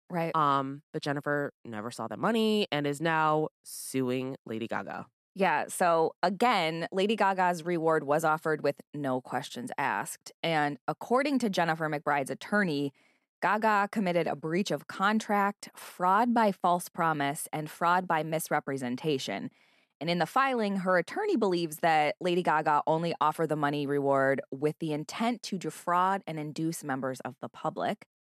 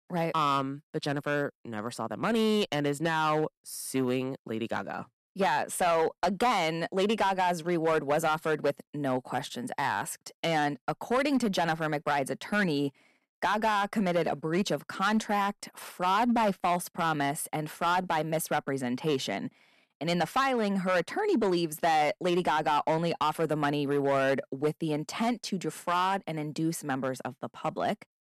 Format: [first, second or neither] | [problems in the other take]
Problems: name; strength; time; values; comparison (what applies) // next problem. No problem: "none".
first | distortion; slight; 5% of the sound clipped